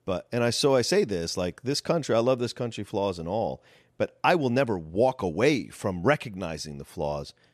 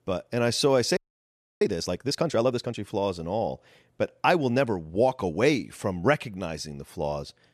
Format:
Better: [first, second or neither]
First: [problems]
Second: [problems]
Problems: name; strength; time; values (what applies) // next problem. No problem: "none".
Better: first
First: none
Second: audio freezing; at 1 s for 0.5 s